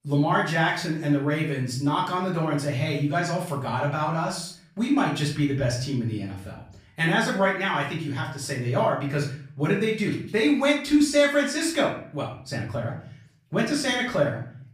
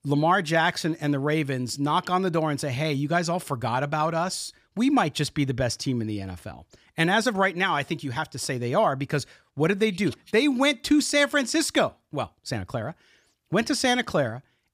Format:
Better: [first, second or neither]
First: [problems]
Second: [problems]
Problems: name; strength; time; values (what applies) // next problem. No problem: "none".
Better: second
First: room echo; slight; dies away in 0.5 s // off-mic speech; far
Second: none